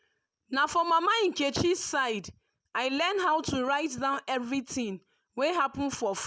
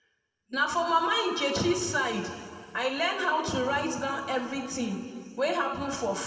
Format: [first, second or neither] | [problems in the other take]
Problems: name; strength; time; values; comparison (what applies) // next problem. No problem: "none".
first | room echo; dies away in 2.1 s